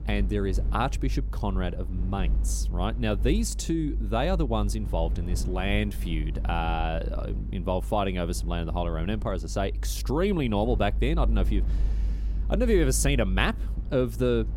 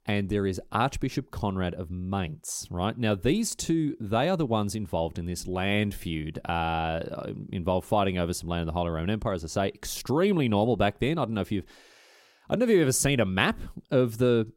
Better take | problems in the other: second | low rumble; noticeable; throughout; 20 dB below the speech

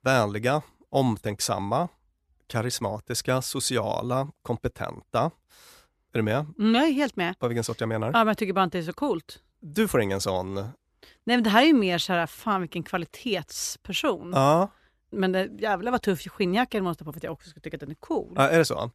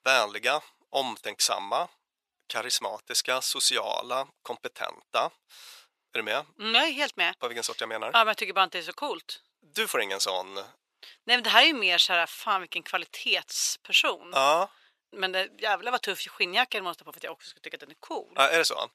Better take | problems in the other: first | thin; very; fading below 650 Hz

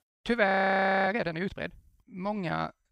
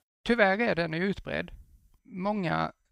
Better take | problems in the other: second | audio freezing; at 0.5 s for 0.5 s

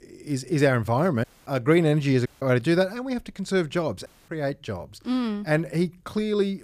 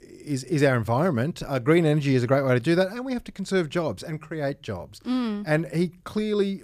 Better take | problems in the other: second | audio cutting out; at 1 s, at 2.5 s and at 4 s

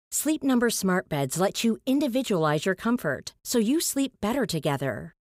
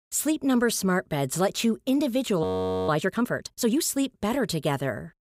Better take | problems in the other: first | audio freezing; at 2.5 s

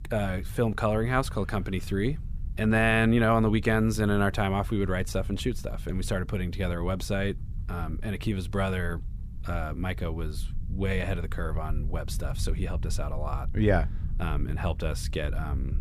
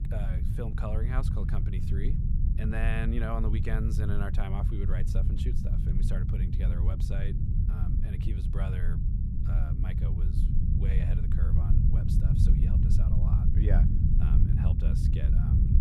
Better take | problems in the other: first | low rumble; loud; throughout; as loud as the speech; faint in the first

